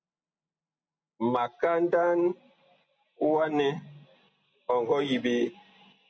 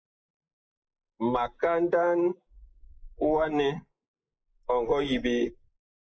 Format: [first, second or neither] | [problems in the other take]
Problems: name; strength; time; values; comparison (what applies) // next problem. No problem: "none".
first | noise reduction (neural mask model Resemble Enhance denoiser)